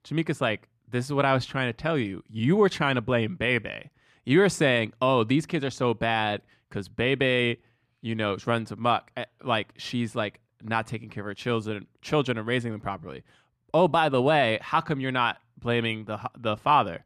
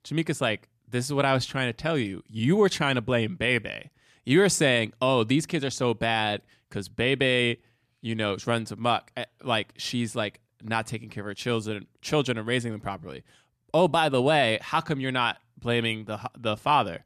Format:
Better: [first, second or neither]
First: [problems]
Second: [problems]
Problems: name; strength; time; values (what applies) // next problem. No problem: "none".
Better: second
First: muffled; very slightly; fading above 4 kHz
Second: none